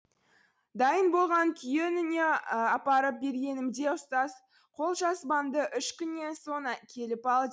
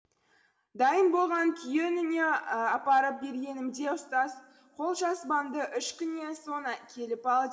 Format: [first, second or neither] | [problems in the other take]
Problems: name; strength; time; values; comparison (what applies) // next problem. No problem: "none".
first | room echo; dies away in 2.6 s